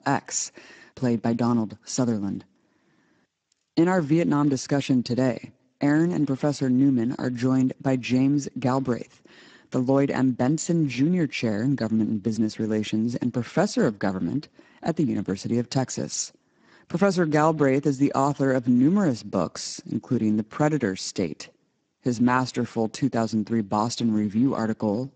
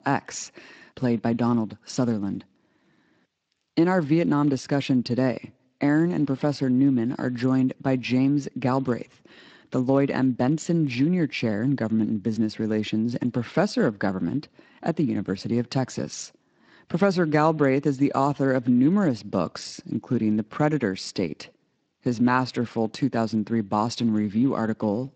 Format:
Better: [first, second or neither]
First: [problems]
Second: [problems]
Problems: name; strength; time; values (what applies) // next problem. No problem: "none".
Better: second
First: garbled, watery; badly; nothing above 7.5 kHz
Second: garbled, watery; slightly; nothing above 7.5 kHz